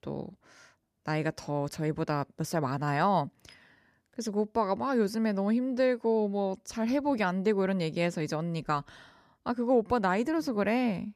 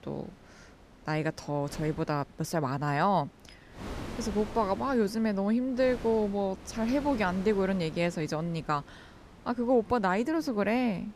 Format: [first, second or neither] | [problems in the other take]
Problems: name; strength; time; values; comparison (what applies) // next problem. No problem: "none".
first | wind noise on the microphone; occasional gusts; 20 dB below the speech